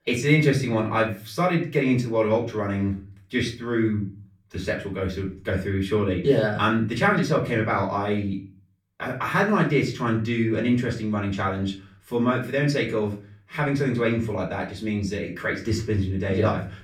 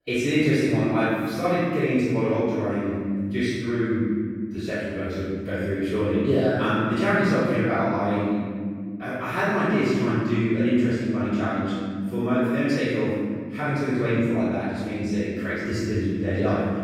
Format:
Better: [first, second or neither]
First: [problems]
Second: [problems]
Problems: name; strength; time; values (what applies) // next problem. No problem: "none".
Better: first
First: room echo; slight; dies away in 0.4 s // off-mic speech; far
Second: room echo; strong; dies away in 2.1 s // off-mic speech; far